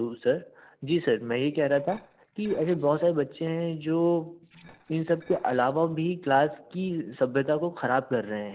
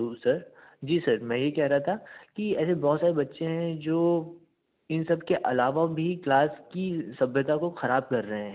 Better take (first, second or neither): second